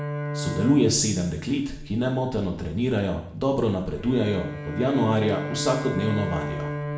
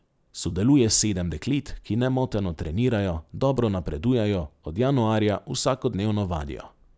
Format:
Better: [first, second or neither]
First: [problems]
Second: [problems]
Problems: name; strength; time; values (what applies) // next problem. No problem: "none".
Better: second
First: background sound (Bowed string instrument); 8 dB below the speech // room echo; dies away in 0.7 s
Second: none